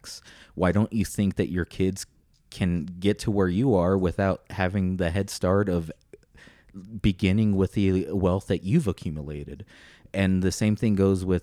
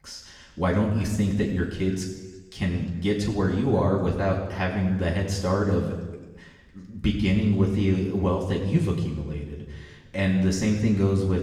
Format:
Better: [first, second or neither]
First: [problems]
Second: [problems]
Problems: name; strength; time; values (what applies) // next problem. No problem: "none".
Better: first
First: none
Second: room echo; noticeable; dies away in 1.2 s // off-mic speech; far